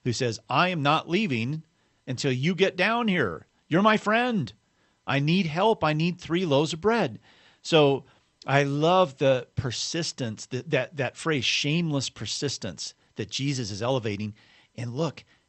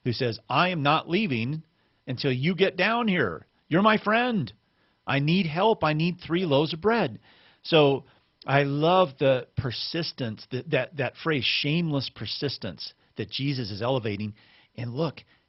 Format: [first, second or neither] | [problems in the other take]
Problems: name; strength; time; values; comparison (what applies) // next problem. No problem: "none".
first | garbled, watery; badly; nothing above 5.5 kHz; slightly in the first